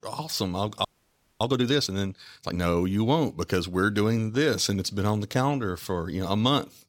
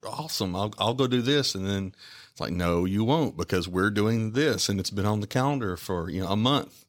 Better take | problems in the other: second | audio freezing; at 1 s for 0.5 s

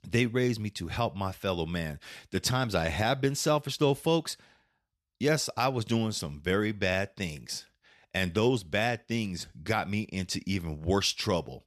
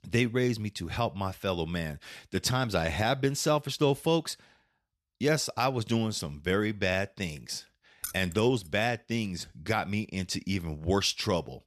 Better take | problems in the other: first | jangling keys; noticeable; at 8 s; peak 9 dB below the speech

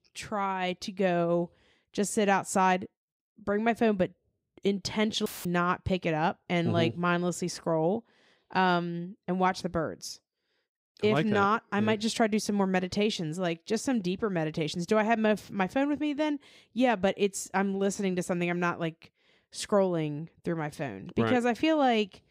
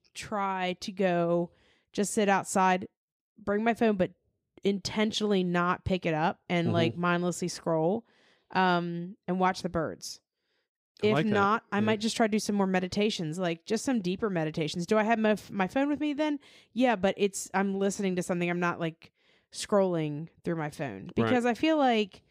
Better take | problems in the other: second | audio cutting out; filled with static; at 5.5 s

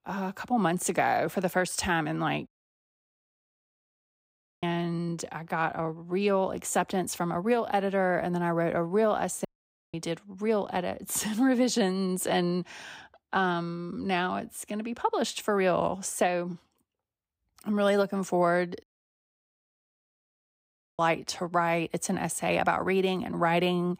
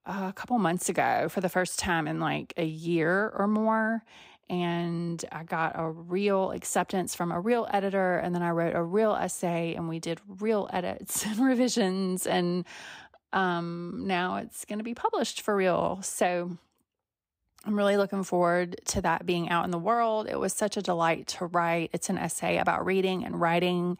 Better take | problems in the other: second | audio cutting out; at 2.5 s for 2 s, at 9.5 s and at 19 s for 2 s

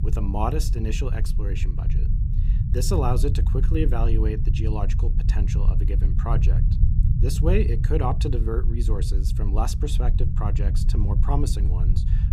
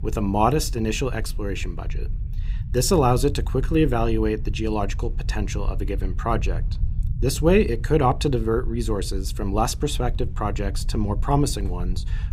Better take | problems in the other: second | low rumble; loud; throughout; 8 dB below the speech; faint in the second

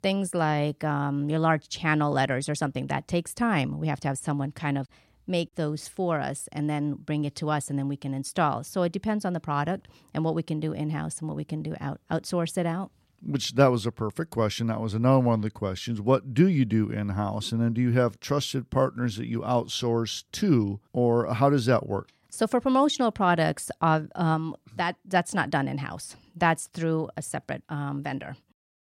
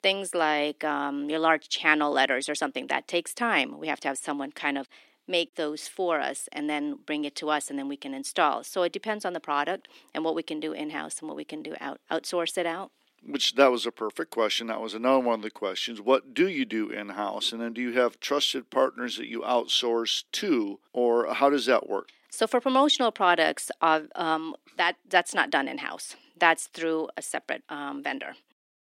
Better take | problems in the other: first | thin; somewhat; fading below 300 Hz

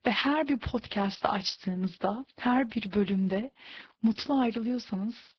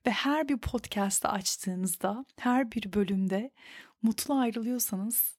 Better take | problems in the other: second | garbled, watery; badly; nothing above 5.5 kHz

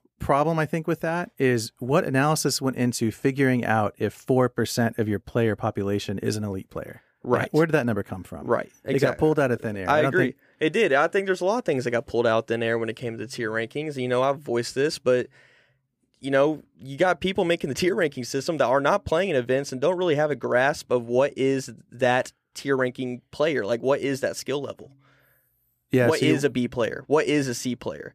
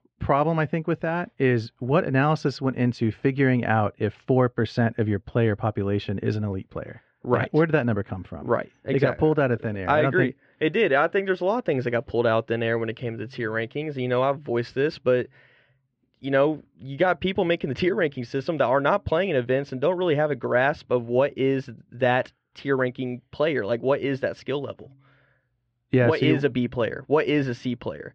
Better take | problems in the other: first | muffled; slightly; fading above 4 kHz

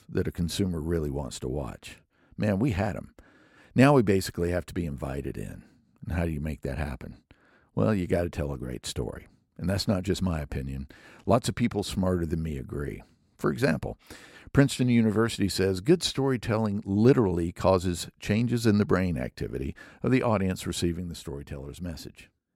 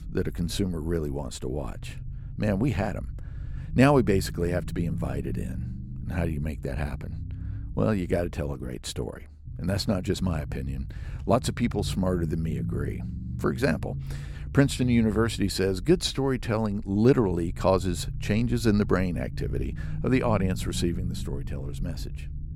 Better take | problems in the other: first | low rumble; noticeable; throughout; 20 dB below the speech

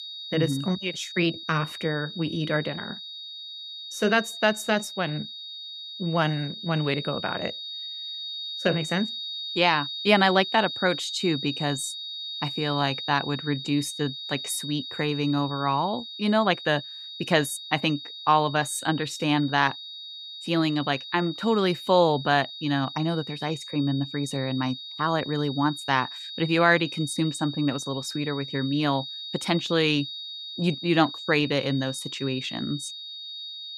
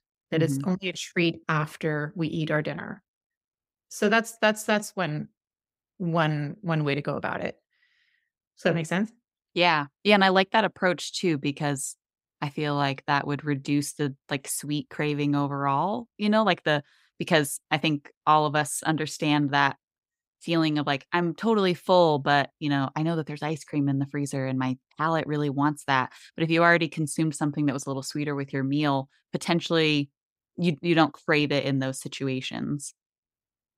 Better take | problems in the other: second | high-pitched whine; loud; throughout; 4 kHz, 9 dB below the speech

